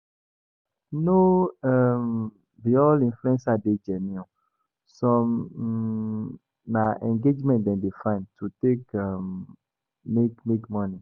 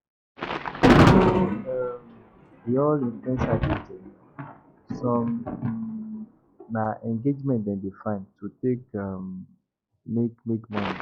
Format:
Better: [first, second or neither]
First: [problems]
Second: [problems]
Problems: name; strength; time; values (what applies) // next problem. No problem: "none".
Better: first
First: none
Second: noise reduction (classical method log-MMSE)